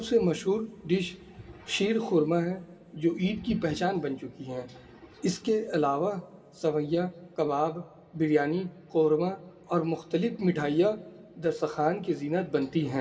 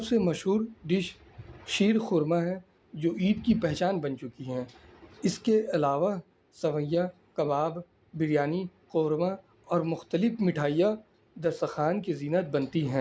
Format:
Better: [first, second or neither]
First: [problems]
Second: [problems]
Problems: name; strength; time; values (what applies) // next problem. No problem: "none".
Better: second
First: room echo; dies away in 1.4 s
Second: none